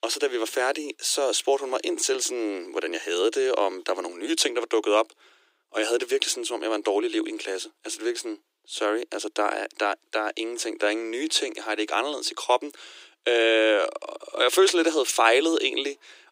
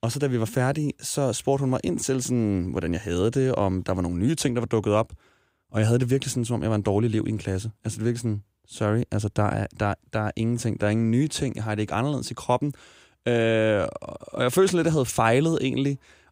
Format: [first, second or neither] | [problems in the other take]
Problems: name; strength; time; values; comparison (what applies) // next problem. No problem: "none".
second | thin; very; fading below 300 Hz